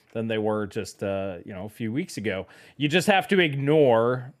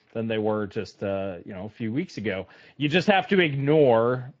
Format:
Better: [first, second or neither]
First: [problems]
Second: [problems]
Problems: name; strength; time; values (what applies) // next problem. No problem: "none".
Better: first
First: none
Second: garbled, watery; slightly